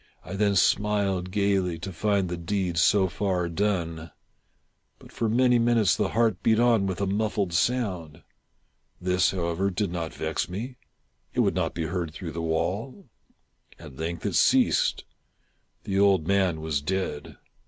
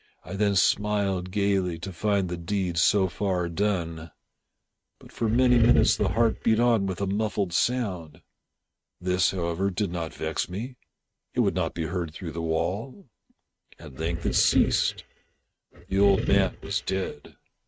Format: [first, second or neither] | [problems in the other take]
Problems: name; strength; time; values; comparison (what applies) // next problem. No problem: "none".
first | noise reduction (neural mask model RNNoise)